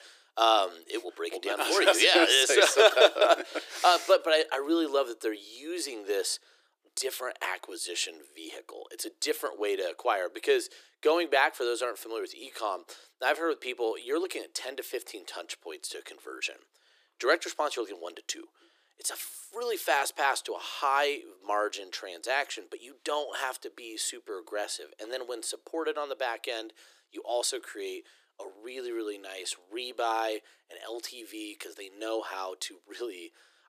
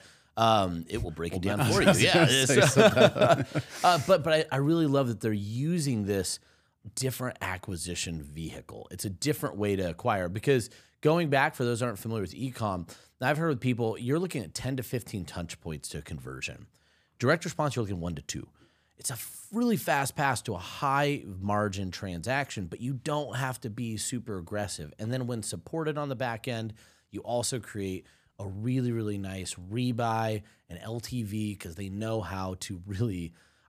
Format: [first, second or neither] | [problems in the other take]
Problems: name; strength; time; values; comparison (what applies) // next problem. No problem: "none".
second | thin; very; fading below 350 Hz